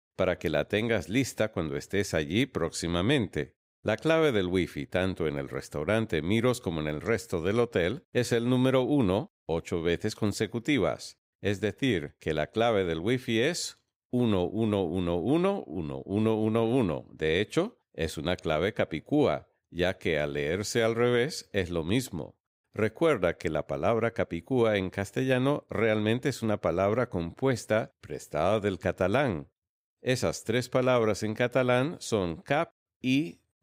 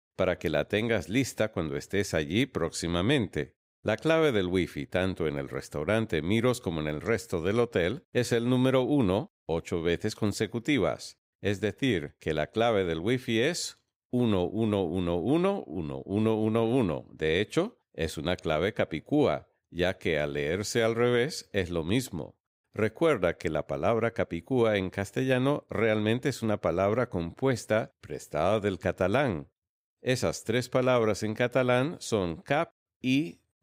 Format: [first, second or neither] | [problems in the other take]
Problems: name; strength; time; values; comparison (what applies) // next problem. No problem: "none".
neither | none